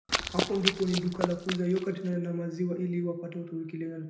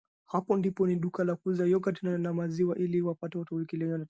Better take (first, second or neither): second